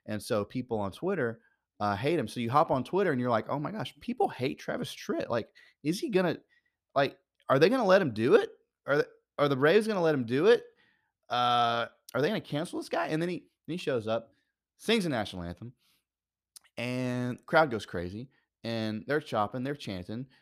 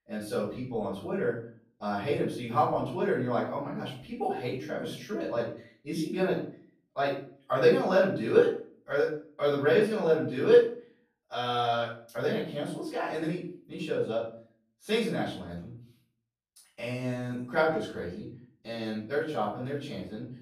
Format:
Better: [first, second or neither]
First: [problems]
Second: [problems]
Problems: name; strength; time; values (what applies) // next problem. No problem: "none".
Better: first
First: none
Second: off-mic speech; far // room echo; noticeable; dies away in 0.4 s